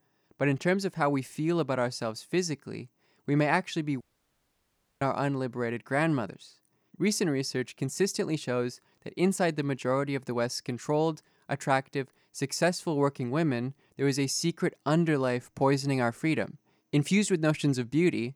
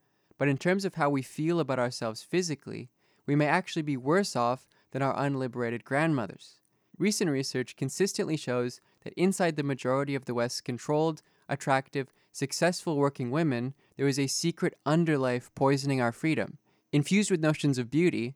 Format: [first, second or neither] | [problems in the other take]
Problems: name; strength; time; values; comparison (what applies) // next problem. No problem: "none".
second | audio cutting out; at 4 s for 1 s